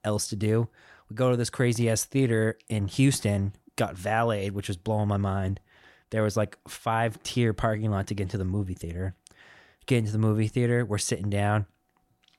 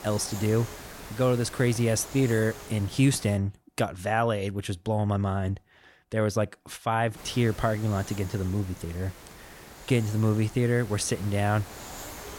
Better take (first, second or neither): first